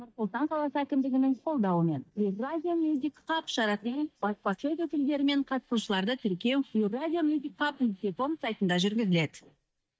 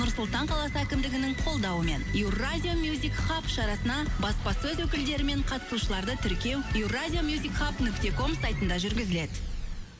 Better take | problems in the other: second | noise reduction (neural mask model DeepFilterNet 3)

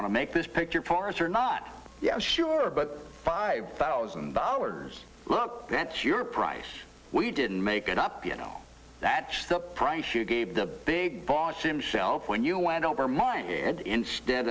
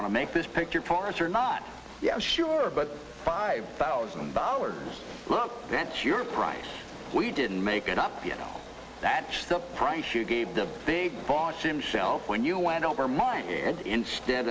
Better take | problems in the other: first | background sound (Train); 14 dB below the speech

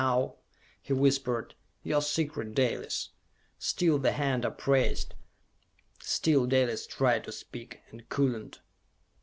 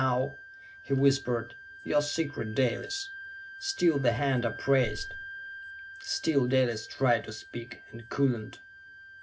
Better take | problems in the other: first | background sound (Wind instrument, woodwind instrument); 15 dB below the speech // room echo; dies away in 0.4 s

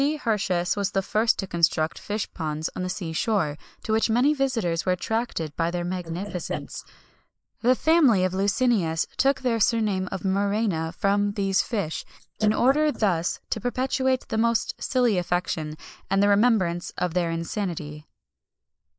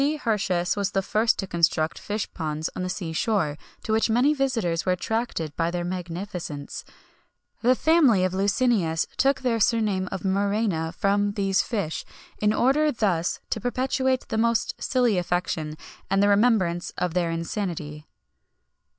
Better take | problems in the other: second | noise reduction (neural mask model Resemble Enhance denoiser)

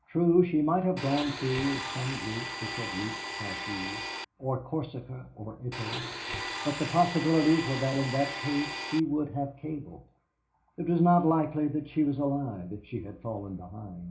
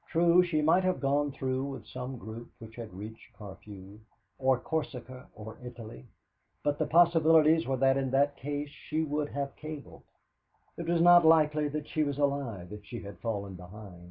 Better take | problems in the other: second | background sound (Domestic sounds, home sounds); 7 dB below the speech // room echo; dies away in 0.4 s

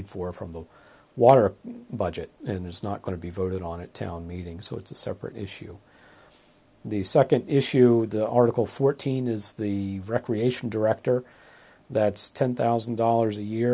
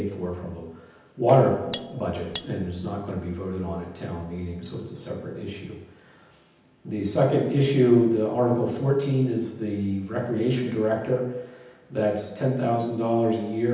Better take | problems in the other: first | background sound (Cutlery, silverware); 15 dB below the speech // room echo; dies away in 0.9 s

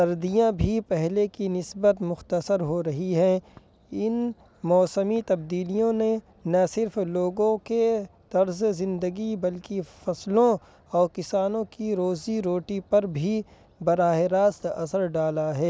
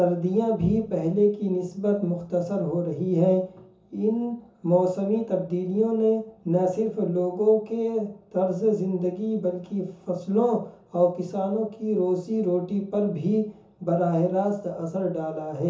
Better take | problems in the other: first | room echo; dies away in 0.6 s

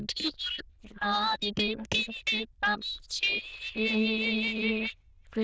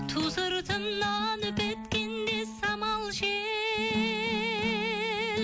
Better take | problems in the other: second | noise reduction (neural diffusion model UNIVERSE++)

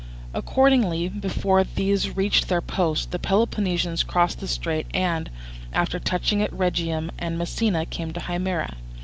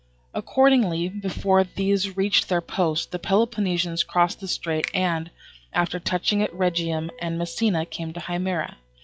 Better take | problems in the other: first | noise reduction (classical method log-MMSE)

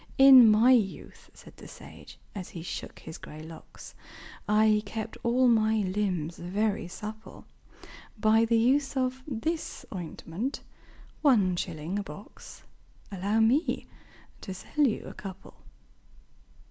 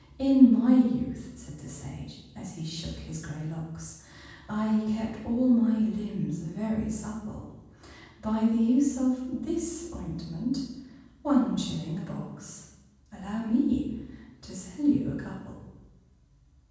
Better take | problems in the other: first | room echo; dies away in 1.2 s

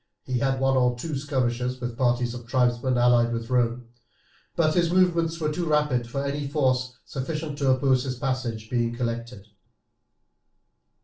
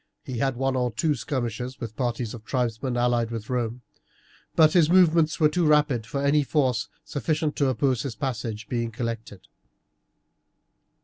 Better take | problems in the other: second | room echo; dies away in 0.3 s

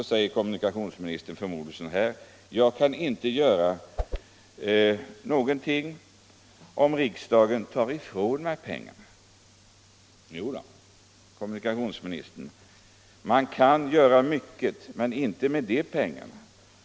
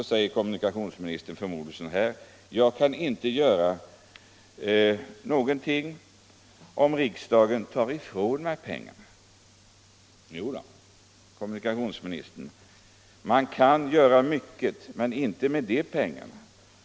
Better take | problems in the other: second | background sound (Whoosh, swoosh, swish); 6 dB below the speech

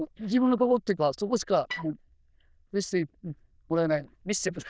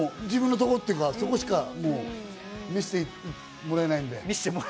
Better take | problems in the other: second | noise reduction (neural diffusion model UNIVERSE++)

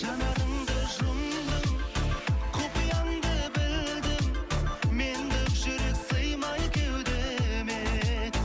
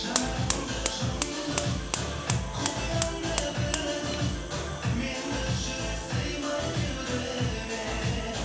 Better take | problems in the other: first | background sound (Fire); 8 dB below the speech // room echo; dies away in 0.7 s

